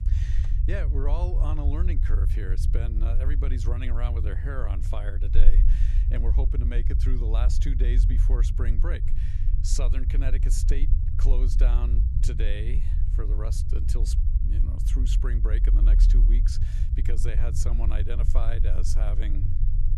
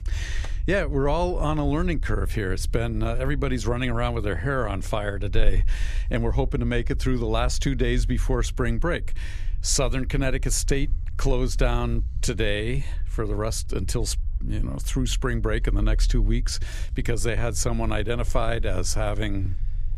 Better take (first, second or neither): second